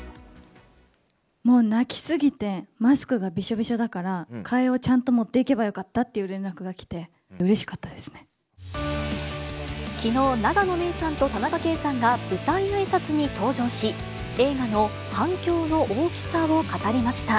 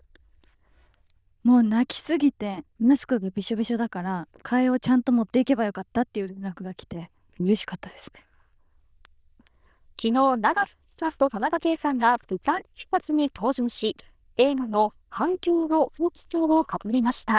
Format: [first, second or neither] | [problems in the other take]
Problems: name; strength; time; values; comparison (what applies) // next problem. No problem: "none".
first | noise reduction (neural diffusion model UNIVERSE++)